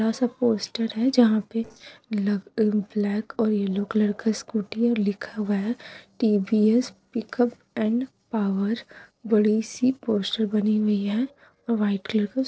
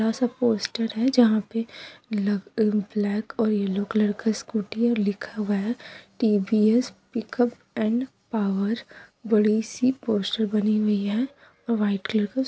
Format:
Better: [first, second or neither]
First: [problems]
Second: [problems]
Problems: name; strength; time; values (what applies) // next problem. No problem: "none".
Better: second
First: noise reduction (neural separator model SepFormer DNS4)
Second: none